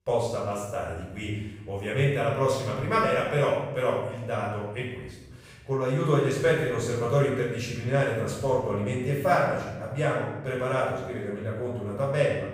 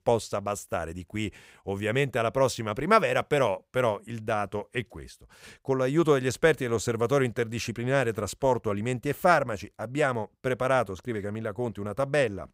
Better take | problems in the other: second | room echo; noticeable; dies away in 1 s // off-mic speech; far

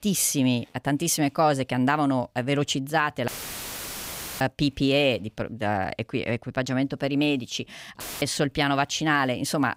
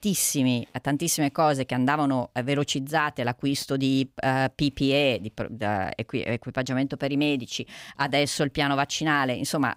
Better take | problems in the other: second | audio cutting out; filled with static; at 3.5 s for 1 s and at 8 s

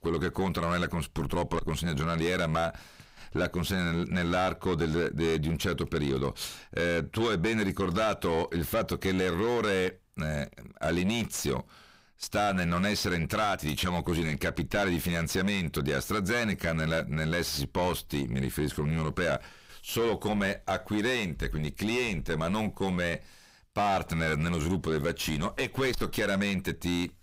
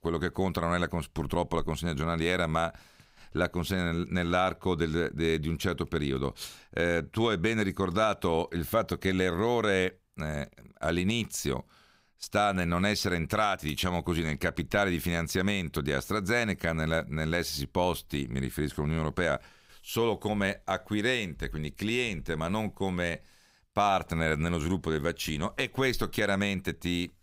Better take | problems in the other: second | distortion; heavy; 7 dB below the speech

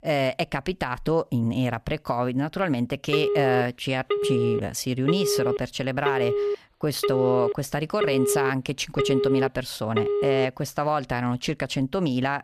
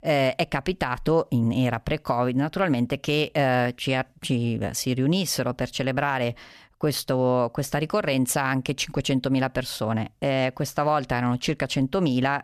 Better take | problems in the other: second | phone ringing; loud; from 3 to 10 s; peak 2 dB above the speech

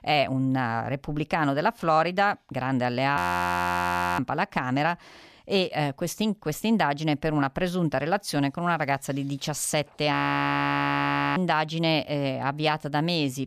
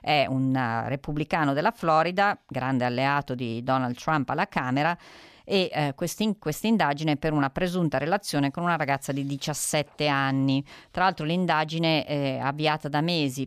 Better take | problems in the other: second | audio freezing; at 3 s for 1 s and at 10 s for 1 s

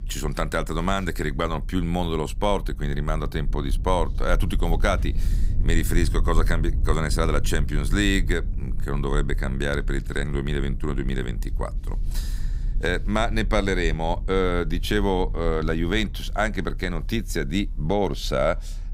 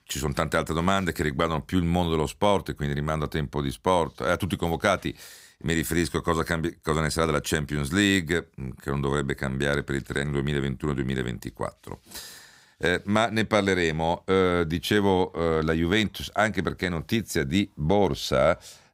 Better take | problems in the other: second | low rumble; faint; throughout; 20 dB below the speech

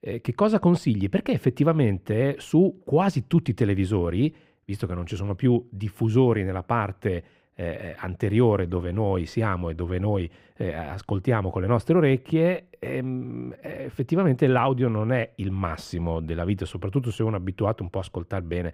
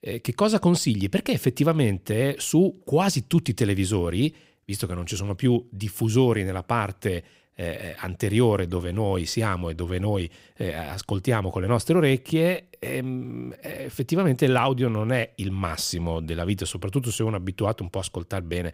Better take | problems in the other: second | muffled; slightly; fading above 3.5 kHz

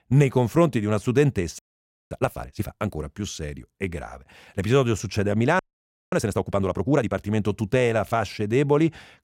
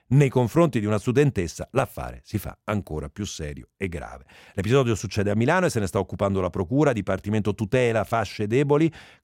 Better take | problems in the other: second | audio freezing; at 1.5 s for 0.5 s and at 5.5 s for 0.5 s

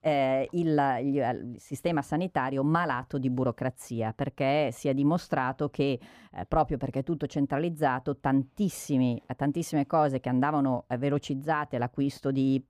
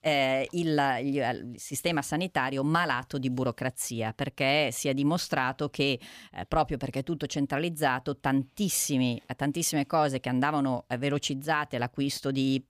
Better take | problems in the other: second | muffled; slightly; fading above 2 kHz

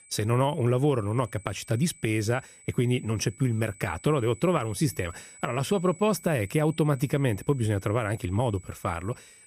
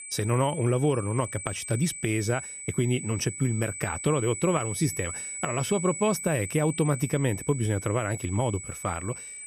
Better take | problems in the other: first | high-pitched whine; loud; throughout; 8 kHz, 8 dB below the speech; faint in the first

